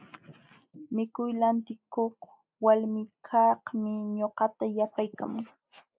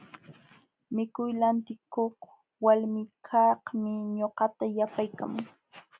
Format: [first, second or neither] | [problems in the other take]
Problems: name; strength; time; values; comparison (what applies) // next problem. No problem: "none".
second | noise reduction (neural mask model Resemble Enhance denoiser)